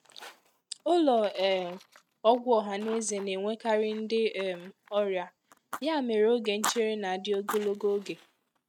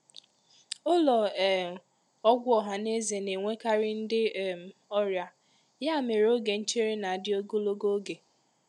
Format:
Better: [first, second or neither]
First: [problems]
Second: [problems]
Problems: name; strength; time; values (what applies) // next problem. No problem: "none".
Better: second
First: noise reduction (neural mask model RNNoise)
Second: none